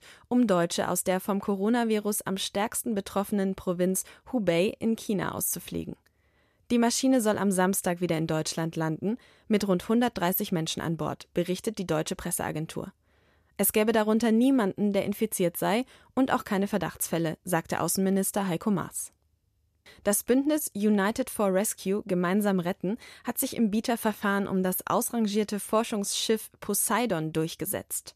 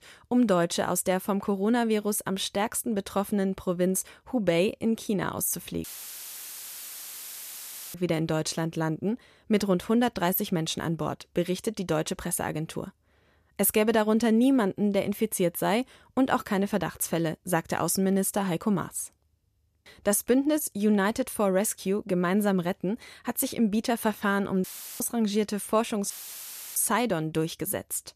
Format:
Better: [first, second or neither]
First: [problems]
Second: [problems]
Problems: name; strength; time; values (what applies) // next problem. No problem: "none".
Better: first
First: none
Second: audio cutting out; filled with static; at 6 s for 2 s, at 25 s and at 26 s for 0.5 s